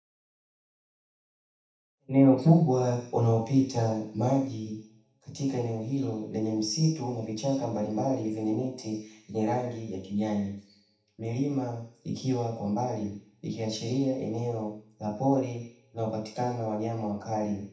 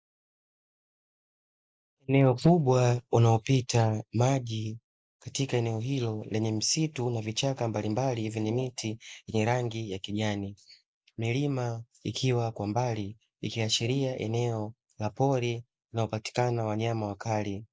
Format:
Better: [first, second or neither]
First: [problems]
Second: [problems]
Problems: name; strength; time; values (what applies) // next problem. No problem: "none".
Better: second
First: room echo; dies away in 0.7 s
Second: none